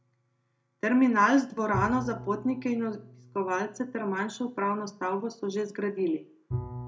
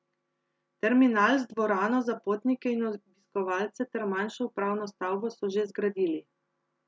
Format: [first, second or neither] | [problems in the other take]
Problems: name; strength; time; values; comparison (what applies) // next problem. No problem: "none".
second | background sound (Bowed string instrument); 13 dB below the speech // room echo; dies away in 0.2 s